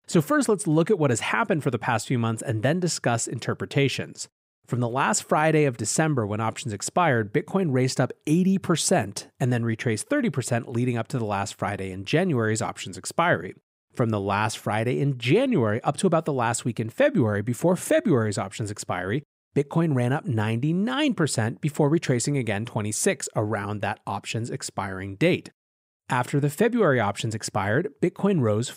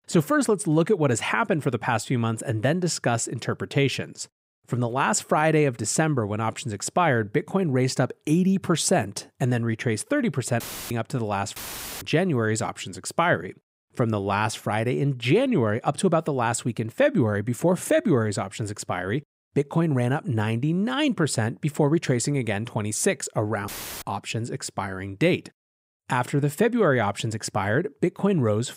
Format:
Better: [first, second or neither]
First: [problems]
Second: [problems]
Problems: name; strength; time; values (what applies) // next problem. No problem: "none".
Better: first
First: none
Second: audio cutting out; filled with static; at 11 s, at 12 s and at 24 s